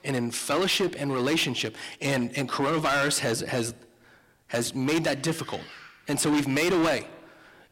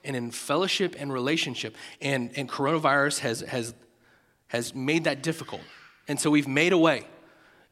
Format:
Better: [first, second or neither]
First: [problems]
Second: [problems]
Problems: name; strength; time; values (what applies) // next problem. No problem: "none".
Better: second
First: distortion; heavy; 12% of the sound clipped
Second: none